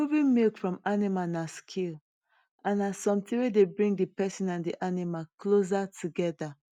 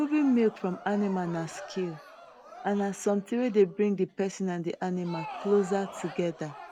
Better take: first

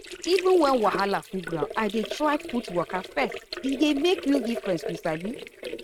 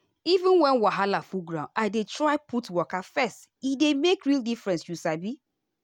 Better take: second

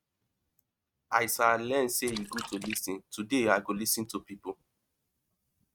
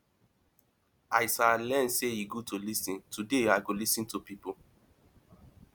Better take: second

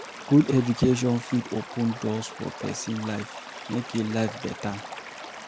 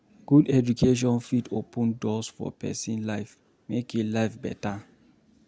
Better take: second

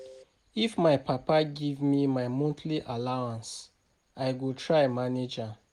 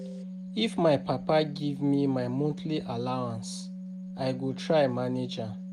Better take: first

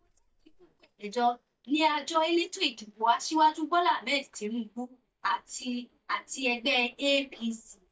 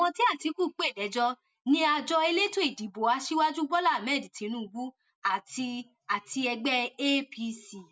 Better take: second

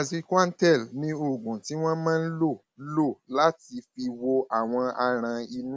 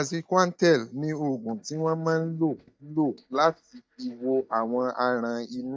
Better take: first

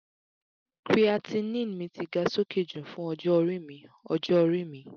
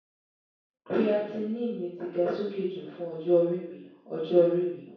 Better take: first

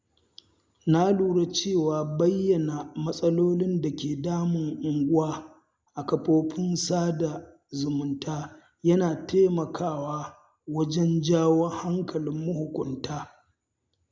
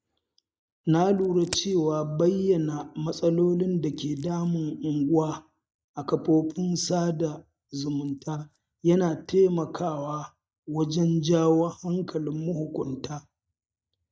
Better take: first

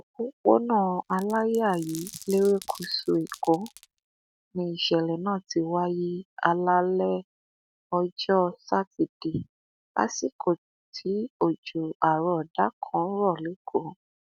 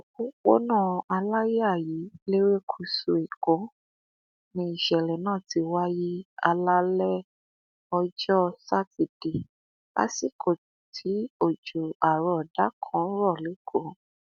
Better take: second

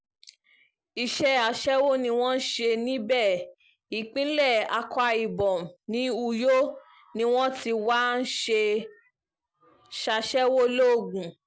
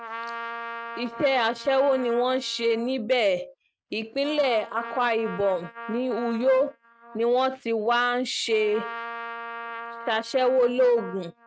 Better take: first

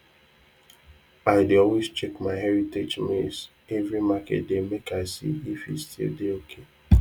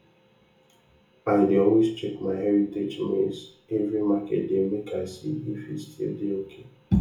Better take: first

